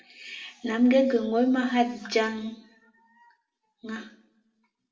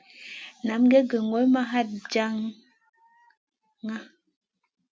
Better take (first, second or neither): second